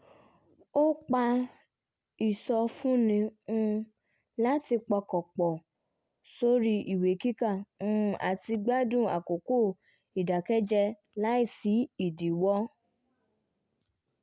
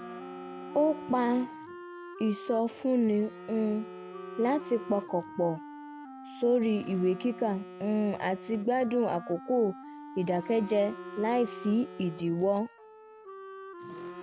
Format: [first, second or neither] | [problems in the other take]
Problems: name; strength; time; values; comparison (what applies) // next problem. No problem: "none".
first | background sound (Telephone + Wind instrument, woodwind instrument); 13 dB below the speech